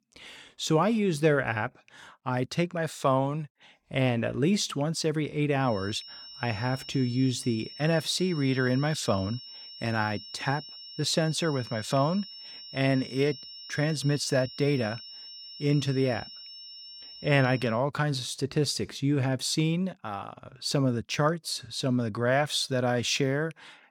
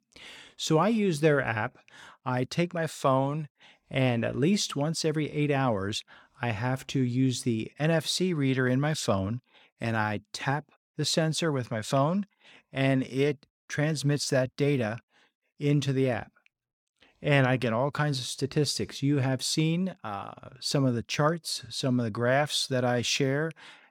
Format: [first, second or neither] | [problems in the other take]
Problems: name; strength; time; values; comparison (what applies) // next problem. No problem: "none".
second | high-pitched whine; noticeable; from 5.5 to 18 s; 5.5 kHz, 15 dB below the speech